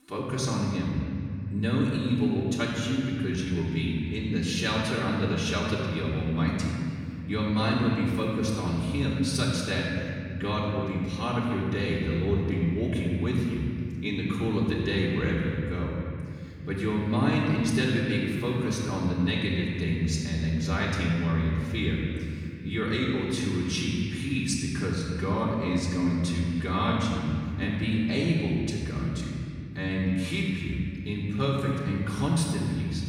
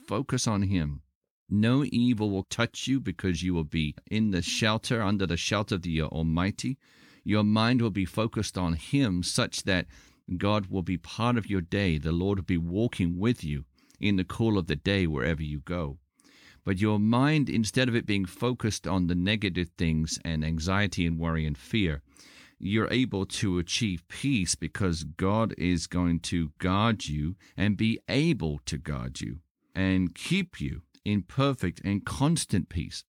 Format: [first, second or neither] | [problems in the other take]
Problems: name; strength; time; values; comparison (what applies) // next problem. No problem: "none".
second | off-mic speech; far // room echo; noticeable; dies away in 3 s